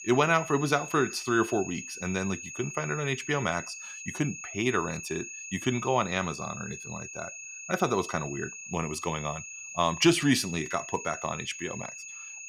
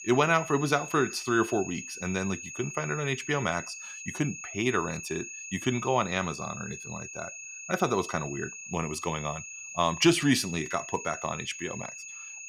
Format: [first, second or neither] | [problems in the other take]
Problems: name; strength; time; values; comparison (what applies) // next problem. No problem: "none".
neither | high-pitched whine; loud; throughout; 6.5 kHz, 10 dB below the speech; the same in both